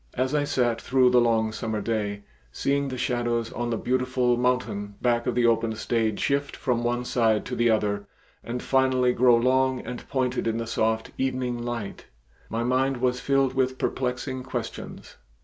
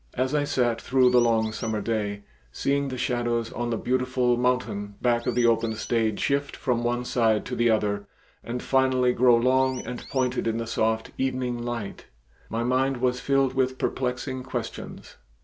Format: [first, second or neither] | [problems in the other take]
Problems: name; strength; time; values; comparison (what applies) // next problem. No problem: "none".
first | background sound (Chirp, tweet); 20 dB below the speech